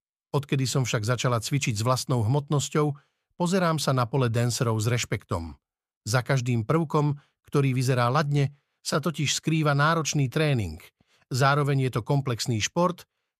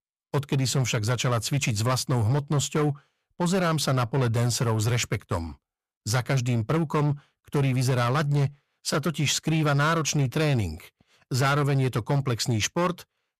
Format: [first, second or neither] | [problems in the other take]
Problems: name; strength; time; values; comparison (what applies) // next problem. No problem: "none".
first | distortion; slight; 13% of the sound clipped